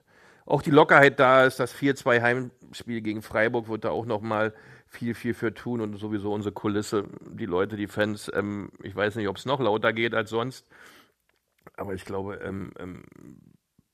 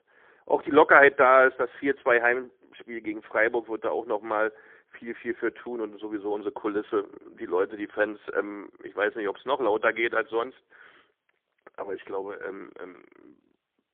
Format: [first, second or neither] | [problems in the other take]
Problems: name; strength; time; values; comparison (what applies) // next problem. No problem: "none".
first | phone-call audio; poor line; nothing above 3.5 kHz